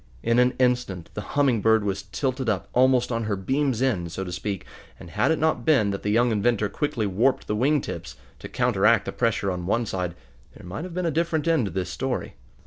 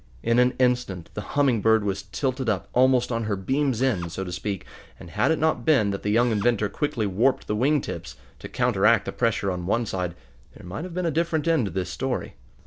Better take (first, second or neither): first